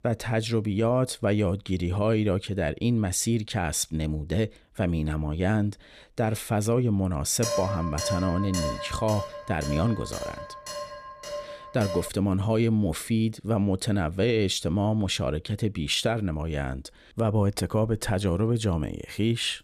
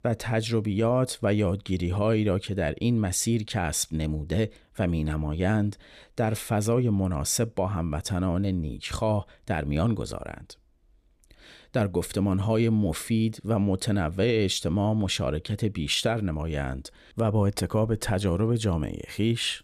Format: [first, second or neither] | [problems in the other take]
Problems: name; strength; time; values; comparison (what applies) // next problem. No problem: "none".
second | clattering dishes; noticeable; from 7.5 to 12 s; peak 2 dB below the speech